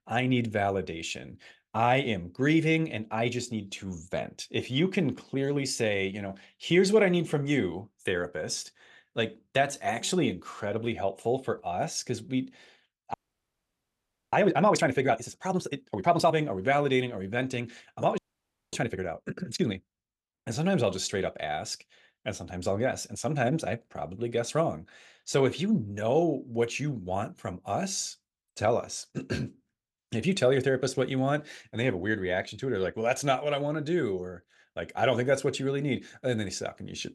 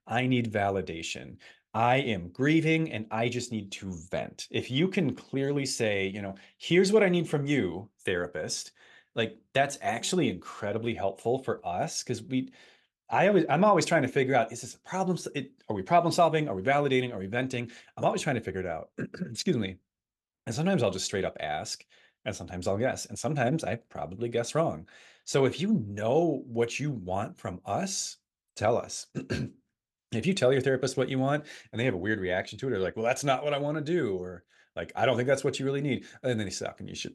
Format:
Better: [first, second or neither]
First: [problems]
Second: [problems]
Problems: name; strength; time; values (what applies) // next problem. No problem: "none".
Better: second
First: audio freezing; at 13 s for 1 s and at 18 s for 0.5 s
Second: none